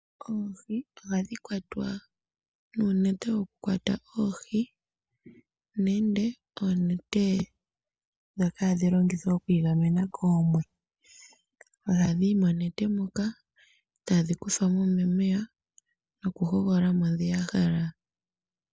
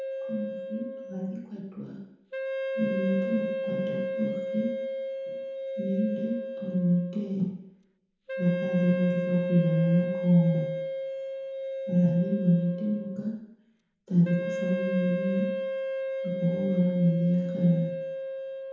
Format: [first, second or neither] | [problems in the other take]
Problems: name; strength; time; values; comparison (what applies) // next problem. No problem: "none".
first | background sound (Wind instrument, woodwind instrument); 5 dB below the speech // room echo; dies away in 0.9 s